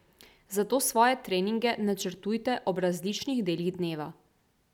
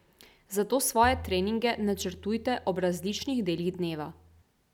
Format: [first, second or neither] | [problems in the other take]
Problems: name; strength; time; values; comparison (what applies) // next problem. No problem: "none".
first | background sound (Bowed string instrument); 15 dB below the speech